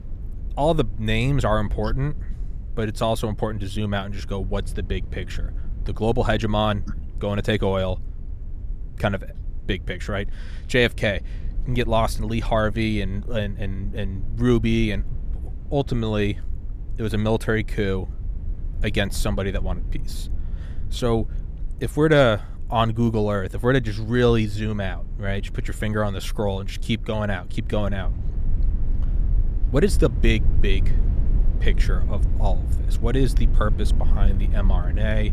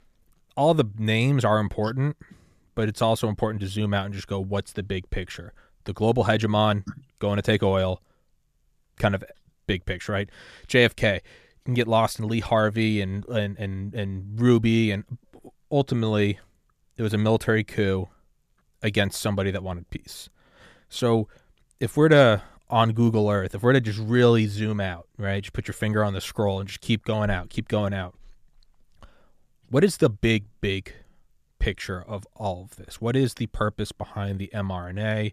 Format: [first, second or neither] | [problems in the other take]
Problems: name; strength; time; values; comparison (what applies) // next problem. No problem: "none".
second | low rumble; faint; throughout; 20 dB below the speech